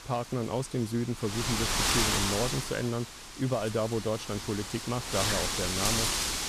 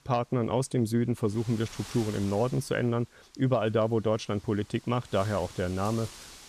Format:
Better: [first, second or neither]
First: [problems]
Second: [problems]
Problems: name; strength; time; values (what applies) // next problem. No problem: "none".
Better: second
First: wind noise on the microphone; heavy; 5 dB above the speech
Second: wind noise on the microphone; occasional gusts; 15 dB below the speech